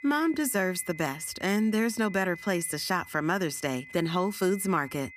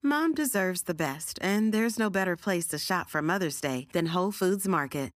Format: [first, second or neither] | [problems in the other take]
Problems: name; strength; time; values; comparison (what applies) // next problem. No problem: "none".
second | high-pitched whine; noticeable; throughout; 2 kHz, 15 dB below the speech